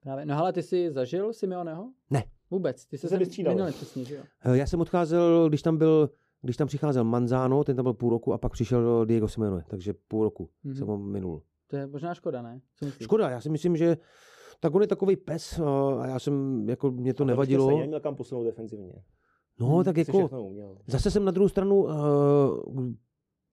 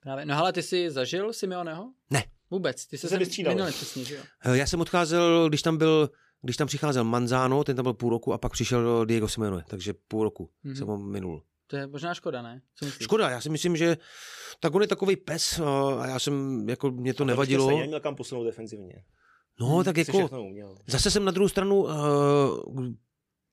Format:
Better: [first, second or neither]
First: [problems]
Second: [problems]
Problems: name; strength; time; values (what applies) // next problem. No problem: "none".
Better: second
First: muffled; slightly; fading above 1 kHz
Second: none